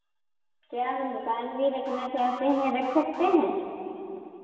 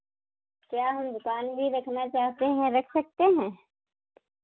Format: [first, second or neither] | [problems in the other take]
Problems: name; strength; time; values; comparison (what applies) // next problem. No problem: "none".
second | background sound (Alarm); 13 dB below the speech // room echo; dies away in 2.7 s